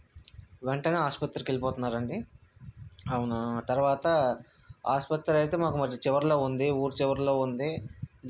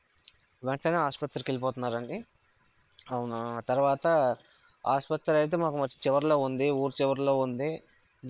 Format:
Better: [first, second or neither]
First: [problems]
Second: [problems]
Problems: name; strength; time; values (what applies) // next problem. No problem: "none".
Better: first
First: none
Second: noise reduction (neural separator model SepFormer WHAM!)